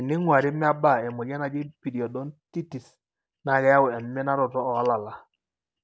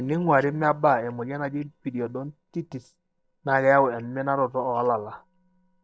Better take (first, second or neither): first